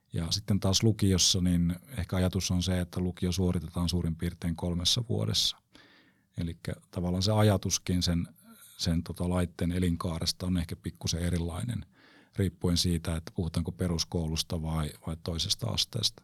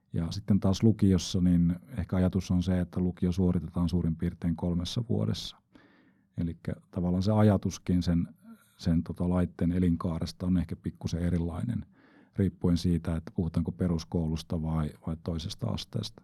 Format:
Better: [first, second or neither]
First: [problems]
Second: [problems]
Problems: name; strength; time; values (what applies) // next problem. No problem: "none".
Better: first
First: none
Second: muffled; slightly; fading above 2.5 kHz